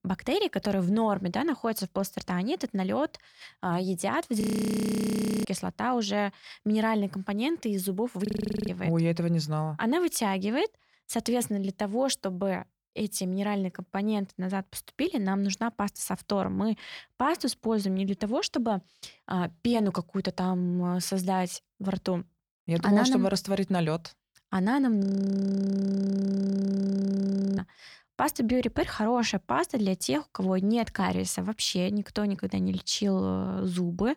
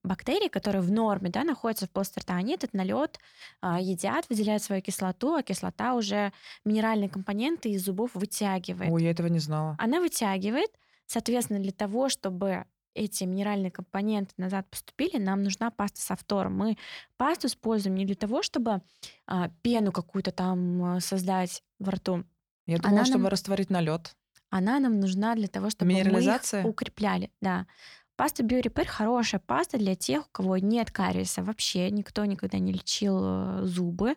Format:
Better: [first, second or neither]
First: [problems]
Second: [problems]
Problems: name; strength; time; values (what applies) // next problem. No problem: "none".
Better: second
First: audio freezing; at 4.5 s for 1 s, at 8.5 s and at 25 s for 2.5 s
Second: none